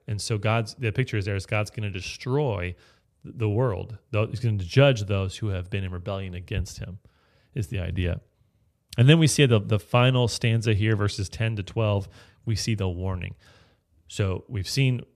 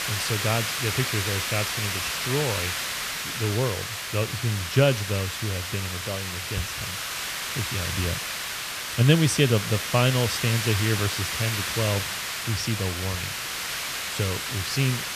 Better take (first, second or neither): first